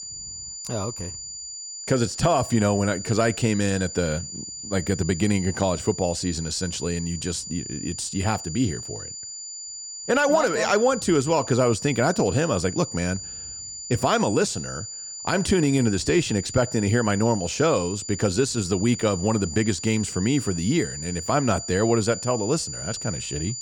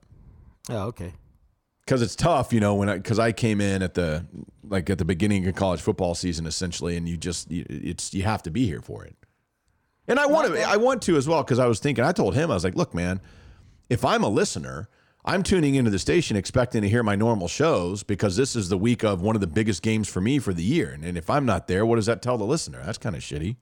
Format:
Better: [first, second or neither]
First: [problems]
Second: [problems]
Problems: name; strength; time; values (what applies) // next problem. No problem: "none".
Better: second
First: high-pitched whine; loud; throughout; 7 kHz, 9 dB below the speech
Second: none